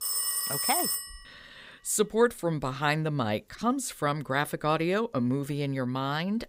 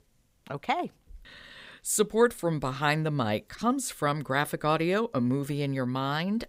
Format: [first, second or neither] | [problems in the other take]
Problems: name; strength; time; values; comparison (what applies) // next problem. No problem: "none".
second | phone ringing; loud; until 1 s; peak 3 dB above the speech